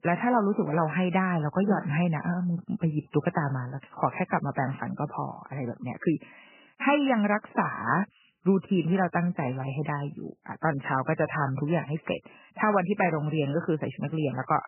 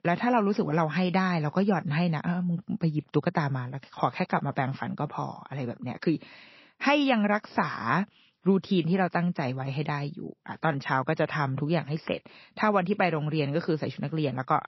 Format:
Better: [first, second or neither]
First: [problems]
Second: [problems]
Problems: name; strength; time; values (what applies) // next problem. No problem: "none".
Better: second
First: garbled, watery; badly; nothing above 3 kHz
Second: garbled, watery; slightly; nothing above 5.5 kHz